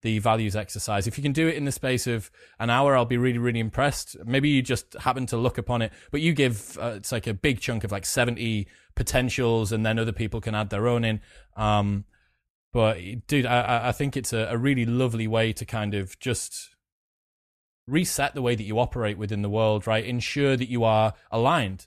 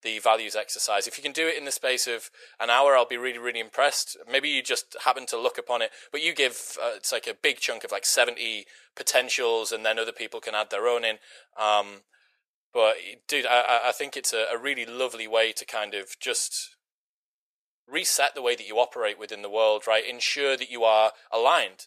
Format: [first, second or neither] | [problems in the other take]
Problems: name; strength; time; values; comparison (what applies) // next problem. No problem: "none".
first | thin; very; fading below 500 Hz